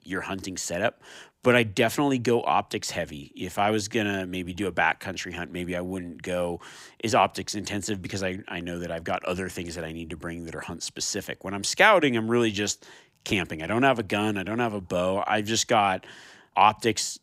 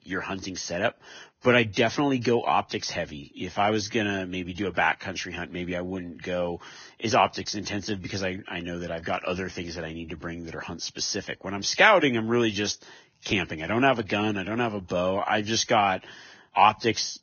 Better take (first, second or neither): first